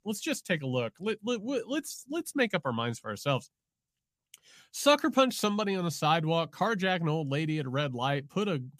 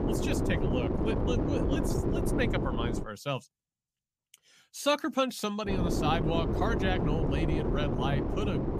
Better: first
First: none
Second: wind noise on the microphone; heavy; until 3 s and from 5.5 s on; 2 dB below the speech

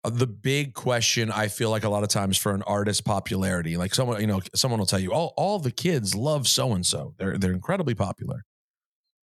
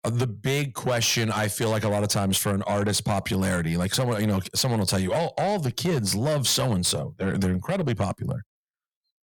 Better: first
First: none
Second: distortion; slight; 10 dB below the speech

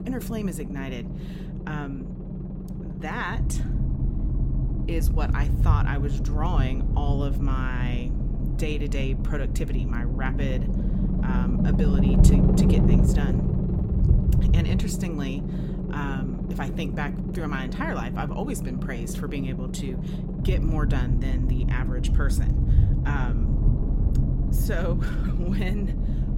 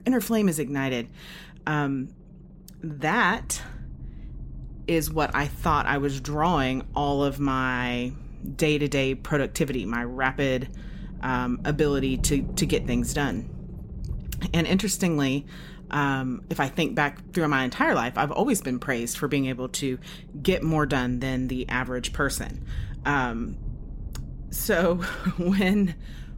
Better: second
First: low rumble; loud; throughout; 2 dB below the speech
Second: low rumble; faint; throughout; 25 dB below the speech

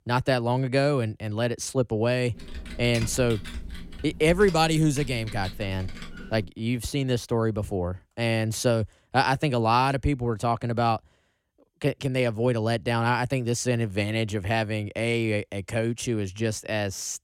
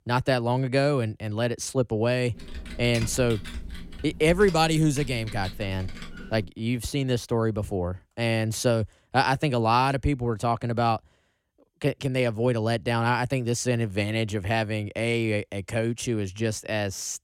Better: neither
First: keyboard typing; noticeable; from 2.5 to 6.5 s; peak 9 dB below the speech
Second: keyboard typing; noticeable; from 2.5 to 6.5 s; peak 9 dB below the speech

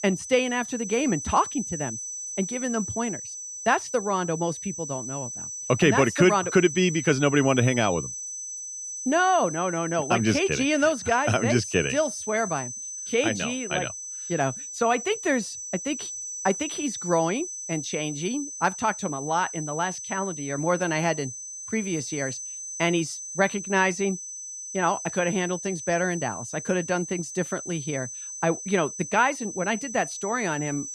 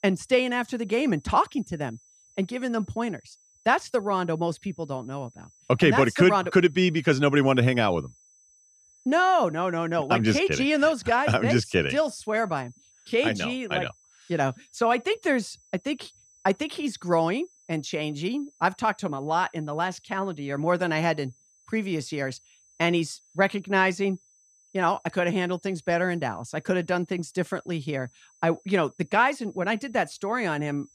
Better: second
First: high-pitched whine; loud; throughout; 6 kHz, 8 dB below the speech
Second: high-pitched whine; faint; throughout; 6 kHz, 30 dB below the speech

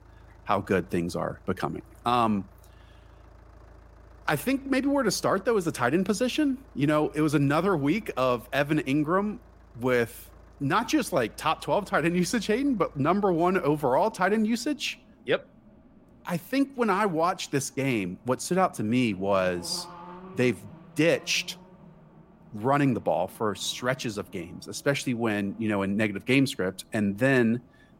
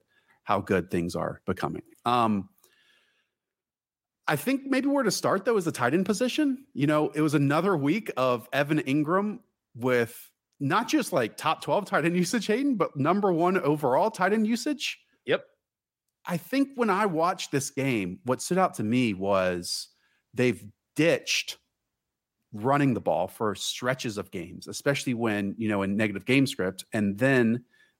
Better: second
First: traffic noise; faint; throughout; 25 dB below the speech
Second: none

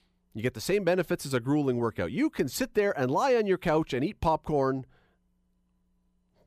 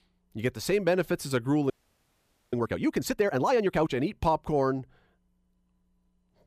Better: first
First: none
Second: audio freezing; at 1.5 s for 1 s

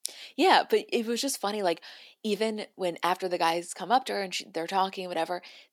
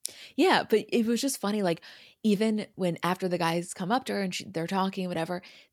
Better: second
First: thin; somewhat; fading below 300 Hz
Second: none

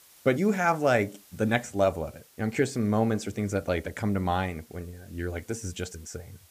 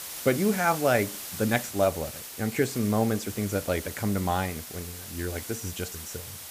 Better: first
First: hiss; faint; throughout; 25 dB below the speech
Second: hiss; loud; throughout; 9 dB below the speech

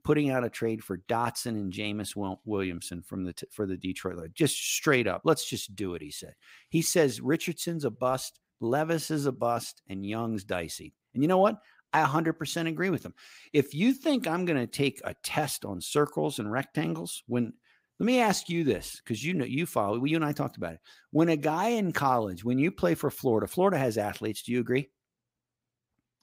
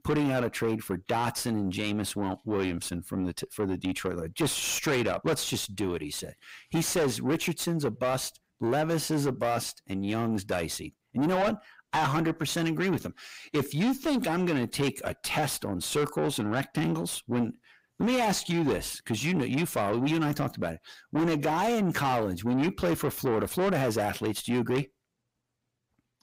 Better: first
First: none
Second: distortion; heavy; 7 dB below the speech

